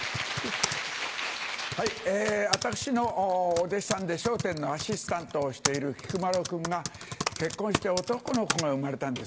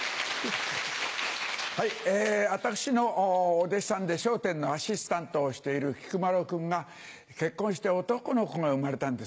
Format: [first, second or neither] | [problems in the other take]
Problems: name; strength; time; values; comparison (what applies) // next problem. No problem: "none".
second | background sound (Typing); 7 dB below the speech